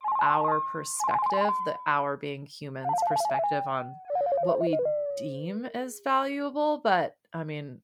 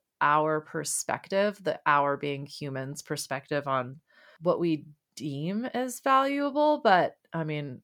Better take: second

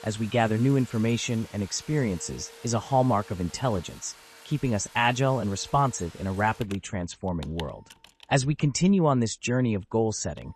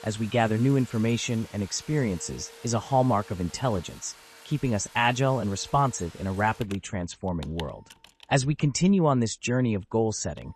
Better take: neither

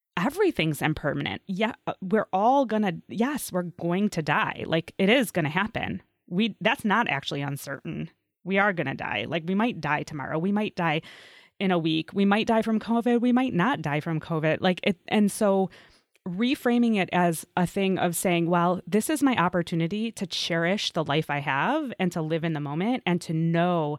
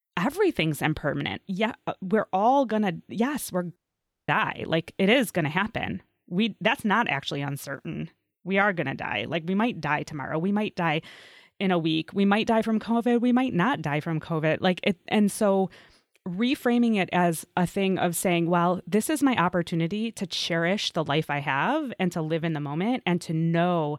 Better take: first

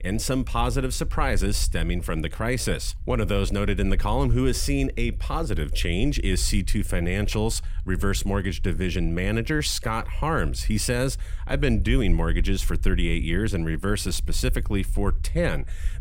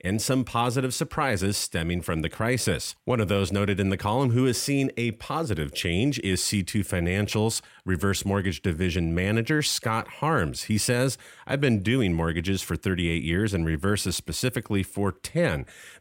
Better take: second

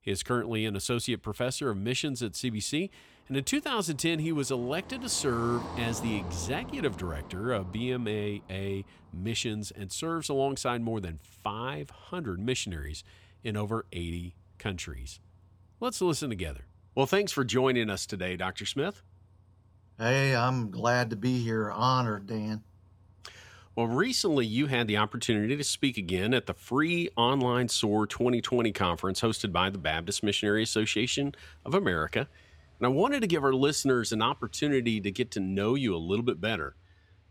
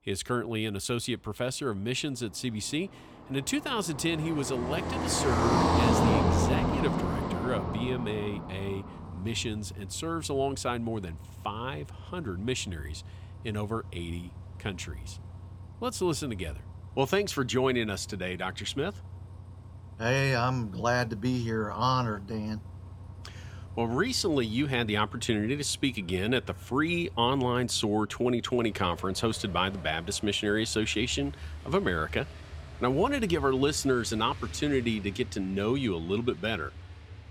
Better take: first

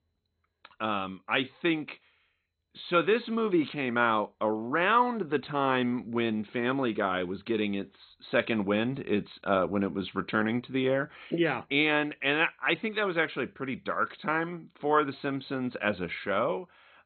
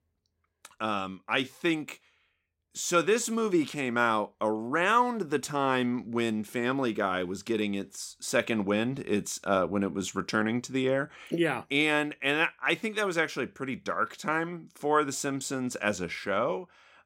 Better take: second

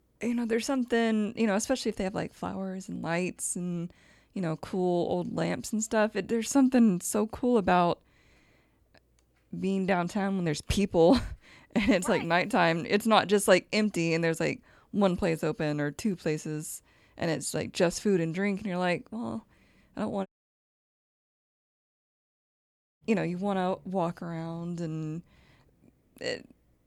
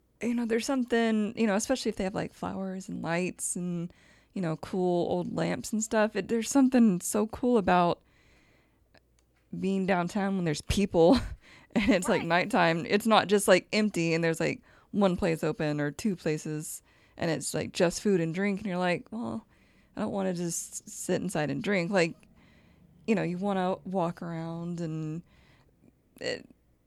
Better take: second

